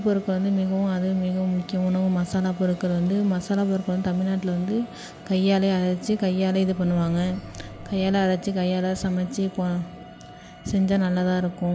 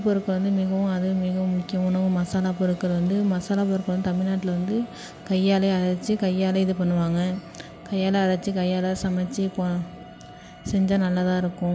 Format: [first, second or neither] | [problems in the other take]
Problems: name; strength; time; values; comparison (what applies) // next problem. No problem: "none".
second | background sound (Microwave oven); 18 dB below the speech